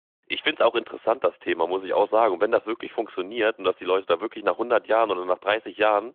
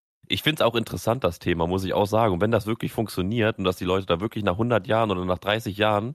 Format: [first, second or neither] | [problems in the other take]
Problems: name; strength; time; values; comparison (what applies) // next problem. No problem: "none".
second | phone-call audio; nothing above 3.5 kHz